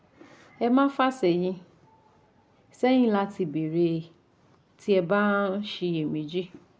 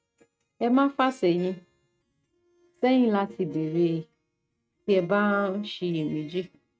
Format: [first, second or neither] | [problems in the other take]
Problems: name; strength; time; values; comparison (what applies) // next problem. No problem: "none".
first | noise reduction (neural mask model RNNoise)